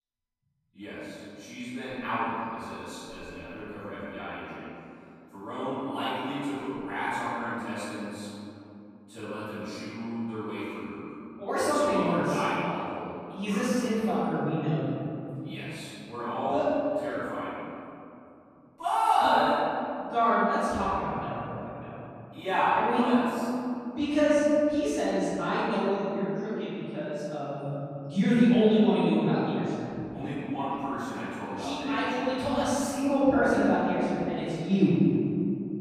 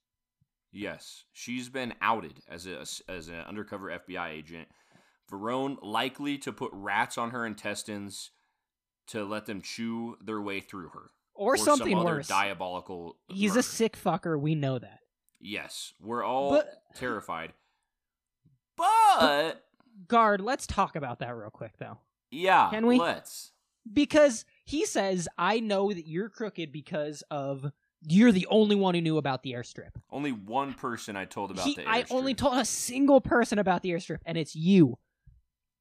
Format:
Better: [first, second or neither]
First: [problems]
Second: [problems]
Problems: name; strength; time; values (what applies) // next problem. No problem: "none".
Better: second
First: room echo; strong; dies away in 2.8 s // off-mic speech; far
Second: none